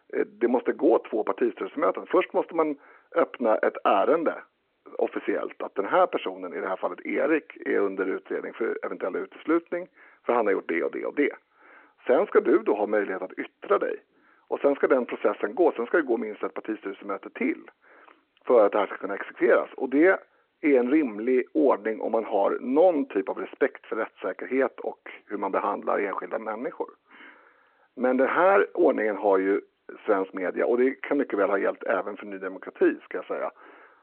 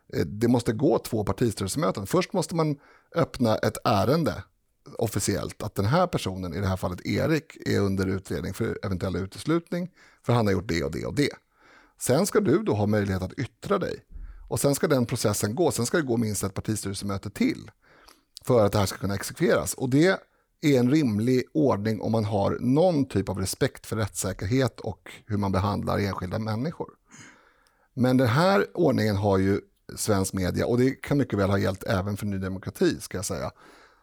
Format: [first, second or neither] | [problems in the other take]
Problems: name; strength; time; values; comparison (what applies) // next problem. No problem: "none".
second | phone-call audio